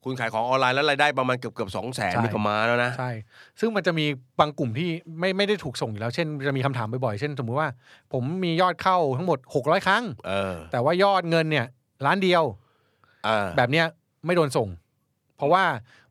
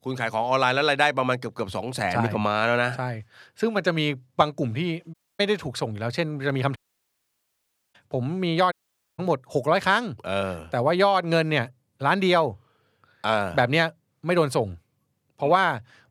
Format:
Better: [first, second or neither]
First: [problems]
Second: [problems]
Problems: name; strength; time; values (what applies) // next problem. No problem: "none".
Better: first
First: none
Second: audio cutting out; at 5 s, at 7 s for 1 s and at 8.5 s